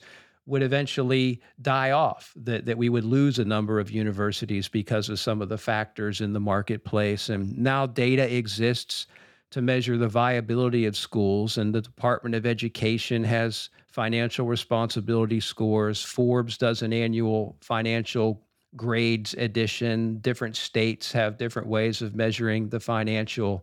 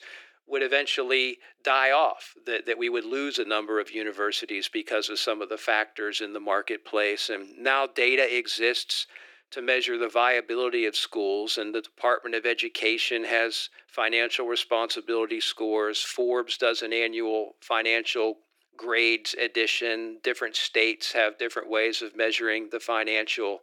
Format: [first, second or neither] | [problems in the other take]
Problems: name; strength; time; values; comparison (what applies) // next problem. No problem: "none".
first | thin; very; fading below 300 Hz